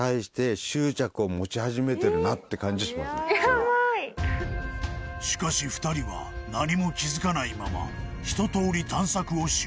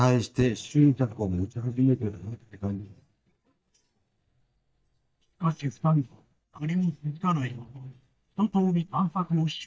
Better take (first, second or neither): first